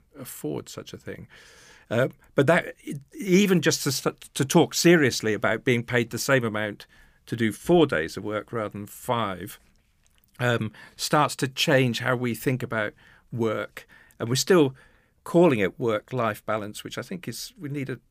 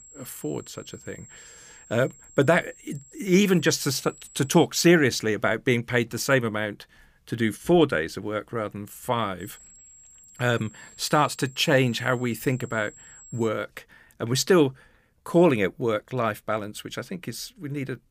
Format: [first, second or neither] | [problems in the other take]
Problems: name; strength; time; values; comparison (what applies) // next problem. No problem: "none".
first | high-pitched whine; faint; until 4.5 s and from 9.5 to 13 s; 7.5 kHz, 25 dB below the speech